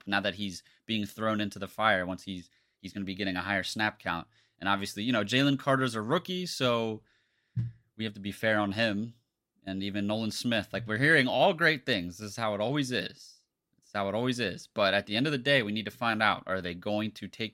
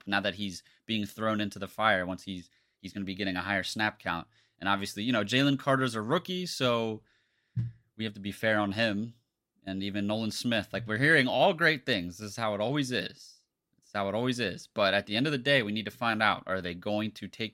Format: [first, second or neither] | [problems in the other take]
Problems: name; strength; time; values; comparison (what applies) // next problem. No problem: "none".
neither | none